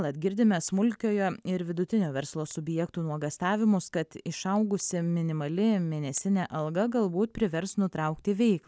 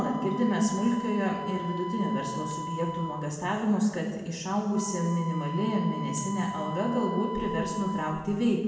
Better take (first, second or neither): first